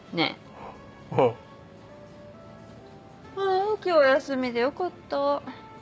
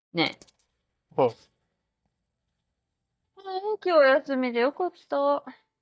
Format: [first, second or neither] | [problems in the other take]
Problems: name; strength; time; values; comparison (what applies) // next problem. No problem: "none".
first | noise reduction (neural mask model DeepFilterNet 3)